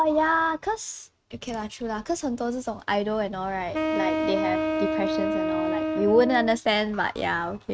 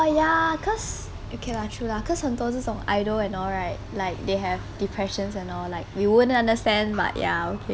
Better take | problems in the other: second | noise reduction (neural mask model RNNoise)

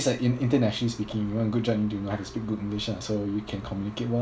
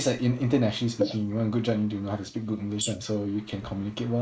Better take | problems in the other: first | noise reduction (neural mask model Resemble Enhance denoiser)

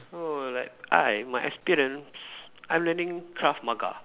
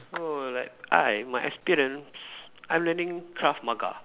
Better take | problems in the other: first | background sound (Clapping); 18 dB below the speech

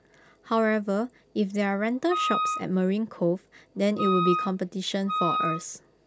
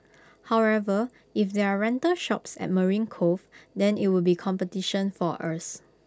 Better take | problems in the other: second | background sound (Wind instrument, woodwind instrument); 2 dB below the speech

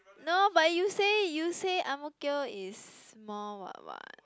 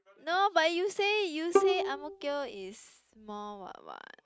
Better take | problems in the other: first | noise reduction (neural mask model RNNoise)

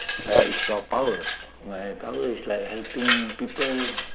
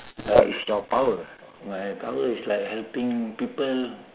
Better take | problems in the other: second | background sound (Glass); 4 dB below the speech

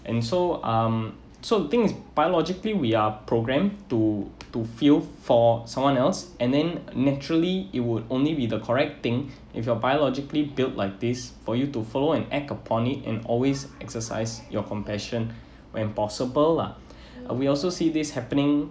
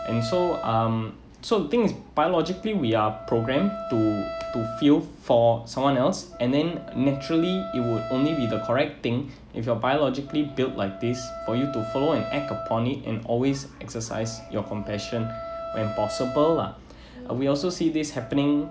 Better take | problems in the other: first | background sound (Wind instrument, woodwind instrument); 12 dB below the speech

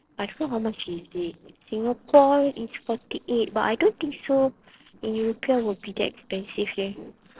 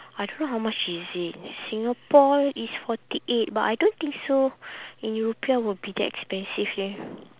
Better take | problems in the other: second | noise reduction (neural separator model SepFormer DNS4)

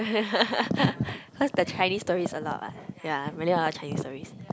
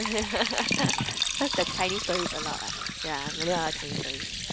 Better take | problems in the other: first | background sound (Liquid); 1 dB below the speech

